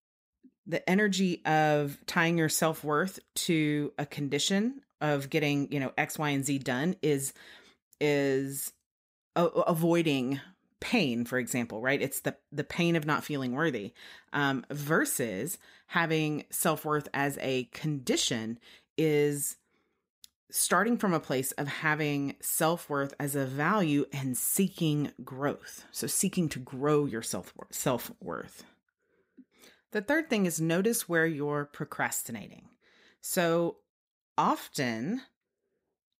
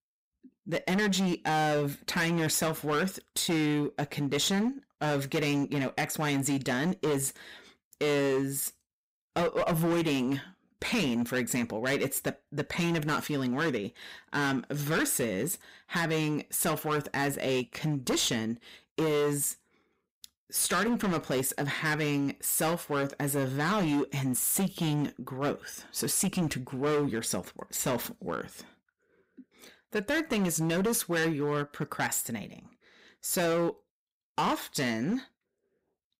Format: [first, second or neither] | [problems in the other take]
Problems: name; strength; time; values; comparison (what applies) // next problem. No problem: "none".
first | distortion; heavy; 14% of the sound clipped